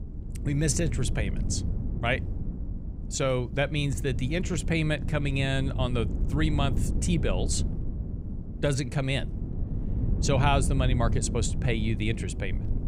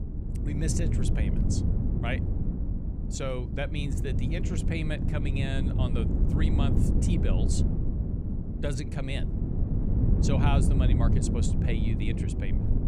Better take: first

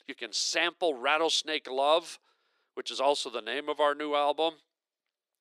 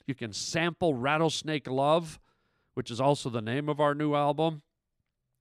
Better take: second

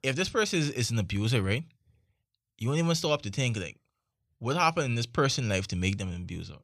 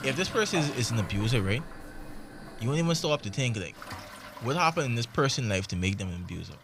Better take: first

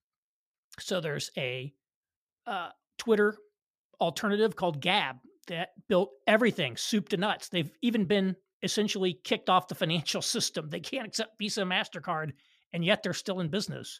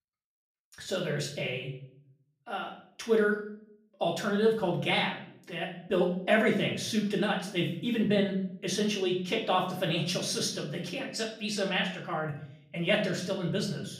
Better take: first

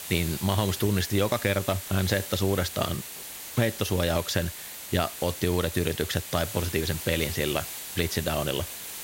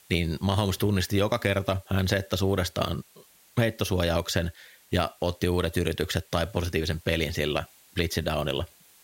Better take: second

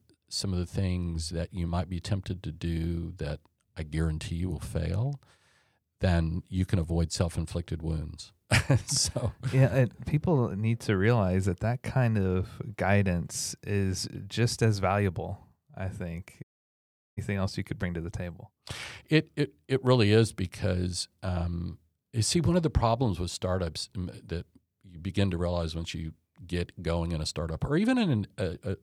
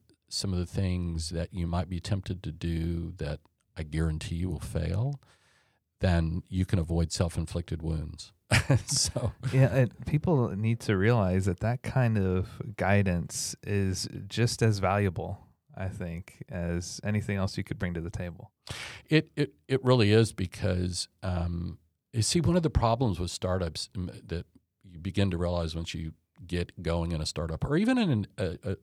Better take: second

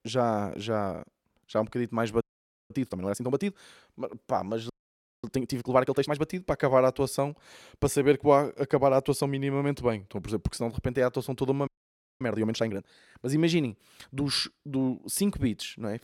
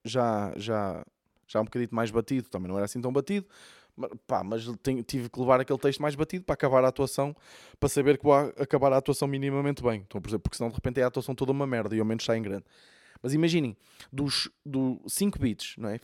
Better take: second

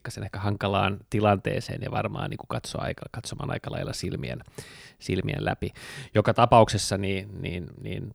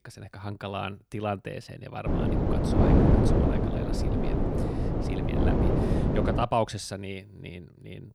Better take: first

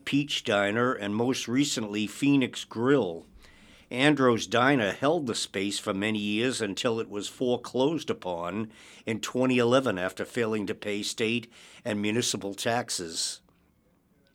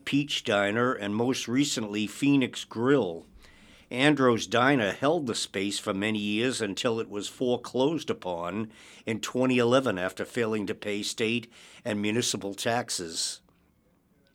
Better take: neither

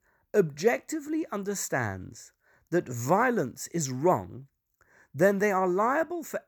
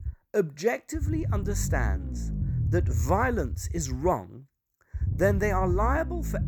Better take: first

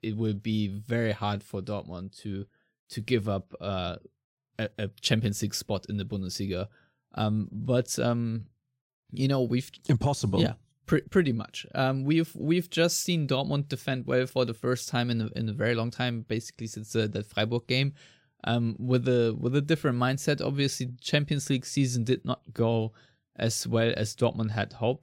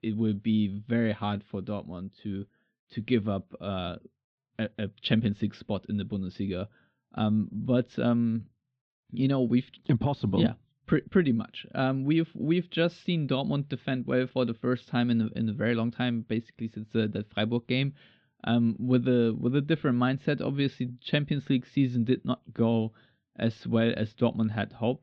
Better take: first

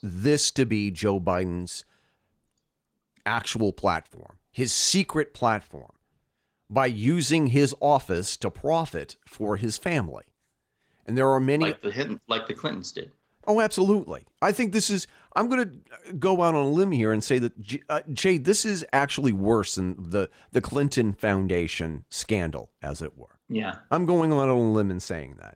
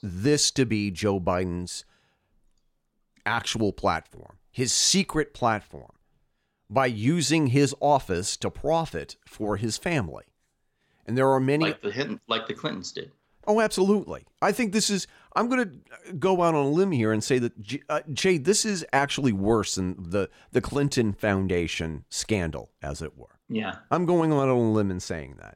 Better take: second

